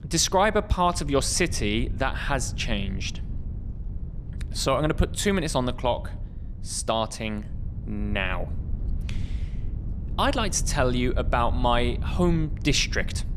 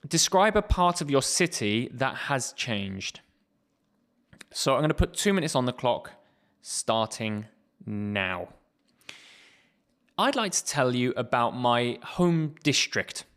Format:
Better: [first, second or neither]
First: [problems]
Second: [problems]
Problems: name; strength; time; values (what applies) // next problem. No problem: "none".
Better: second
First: wind noise on the microphone; occasional gusts; 20 dB below the speech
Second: none